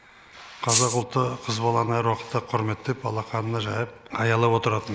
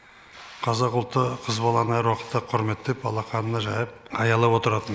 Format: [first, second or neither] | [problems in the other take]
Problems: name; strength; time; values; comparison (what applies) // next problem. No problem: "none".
second | background sound (Rattle (instrument)); 1 dB above the speech